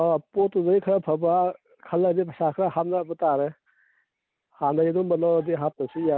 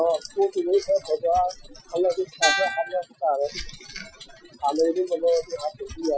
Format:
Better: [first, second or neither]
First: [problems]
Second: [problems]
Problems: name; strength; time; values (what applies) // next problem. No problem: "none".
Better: first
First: none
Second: noise reduction (classical method Wiener filter)